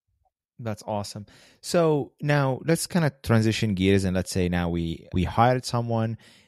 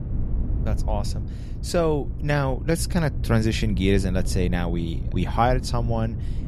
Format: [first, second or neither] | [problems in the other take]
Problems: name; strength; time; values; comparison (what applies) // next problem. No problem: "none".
first | low rumble; noticeable; throughout; 15 dB below the speech